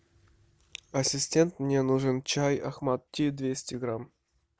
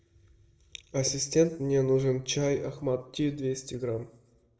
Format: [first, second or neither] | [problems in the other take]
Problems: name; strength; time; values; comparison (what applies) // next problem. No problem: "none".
first | room echo; dies away in 0.8 s